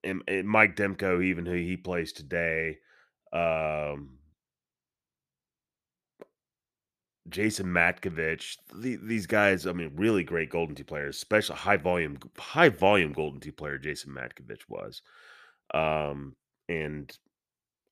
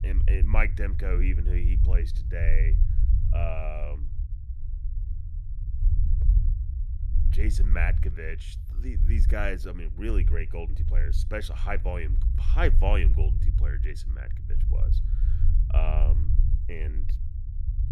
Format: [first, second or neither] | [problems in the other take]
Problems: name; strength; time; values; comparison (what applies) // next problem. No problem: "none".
first | low rumble; noticeable; throughout; 10 dB below the speech